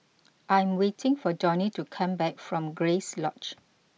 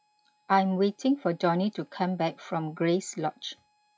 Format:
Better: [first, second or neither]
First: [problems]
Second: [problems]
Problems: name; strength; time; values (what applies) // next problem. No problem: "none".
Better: first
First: none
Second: noise reduction (classical method log-MMSE)